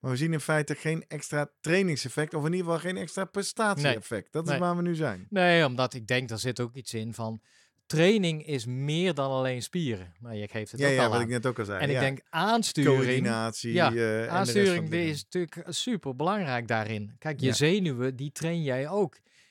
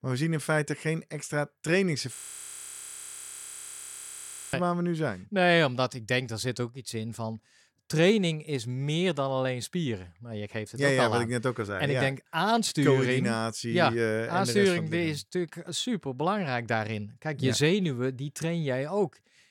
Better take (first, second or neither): first